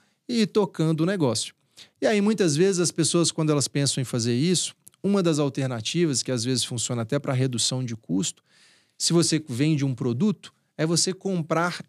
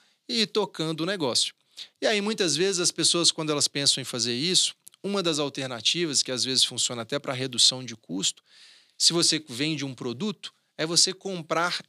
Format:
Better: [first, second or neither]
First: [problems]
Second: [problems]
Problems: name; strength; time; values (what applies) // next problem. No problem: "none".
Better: first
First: none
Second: thin; very slightly; fading below 1 kHz